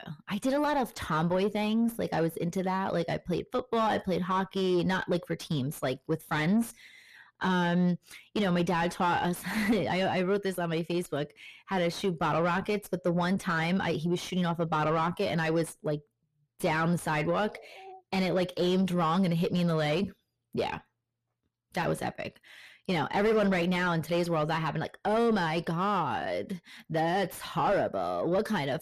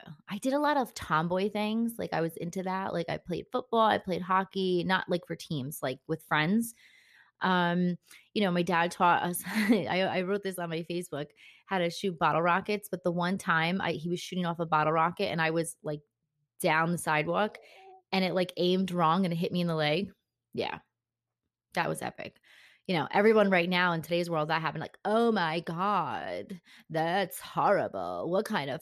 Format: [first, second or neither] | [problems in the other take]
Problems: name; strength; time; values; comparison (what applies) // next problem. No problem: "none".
second | distortion; heavy; 7 dB below the speech